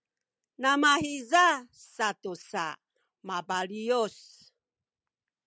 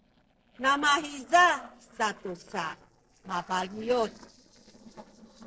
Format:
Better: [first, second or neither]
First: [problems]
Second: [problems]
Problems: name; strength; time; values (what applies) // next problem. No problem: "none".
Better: first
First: none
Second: noise reduction (neural separator model SepFormer DNS4)